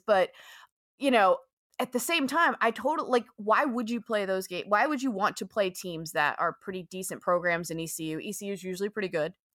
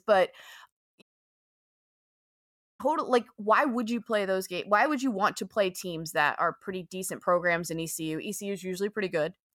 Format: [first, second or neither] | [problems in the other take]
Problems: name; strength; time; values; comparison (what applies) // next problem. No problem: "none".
first | audio cutting out; at 1 s for 2 s